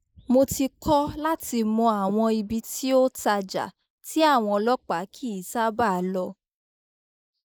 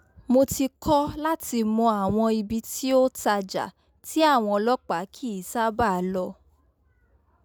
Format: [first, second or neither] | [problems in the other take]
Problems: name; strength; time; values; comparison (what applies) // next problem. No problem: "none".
second | noise reduction (neural mask model Resemble Enhance denoiser)